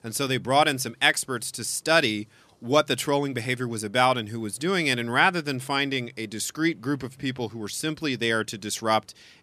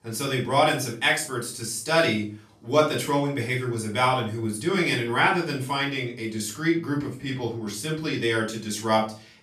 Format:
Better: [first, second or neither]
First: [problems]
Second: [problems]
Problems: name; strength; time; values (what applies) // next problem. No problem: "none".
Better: first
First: none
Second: off-mic speech; far // room echo; slight; dies away in 0.3 s